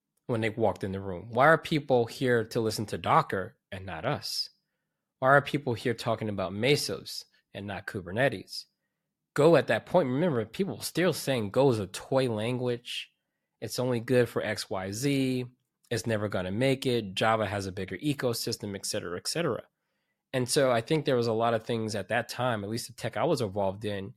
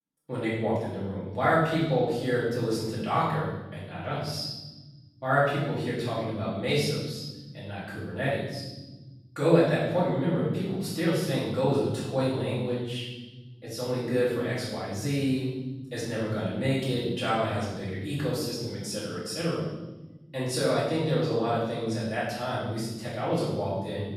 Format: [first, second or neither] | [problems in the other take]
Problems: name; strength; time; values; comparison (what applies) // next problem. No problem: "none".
first | room echo; strong; dies away in 1.3 s // off-mic speech; far